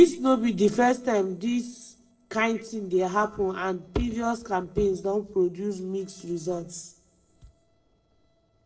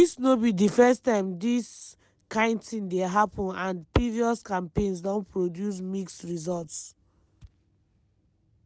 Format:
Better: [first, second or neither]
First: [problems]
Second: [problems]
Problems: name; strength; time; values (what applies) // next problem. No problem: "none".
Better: second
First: noise reduction (neural separator model SepFormer DNS4)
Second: none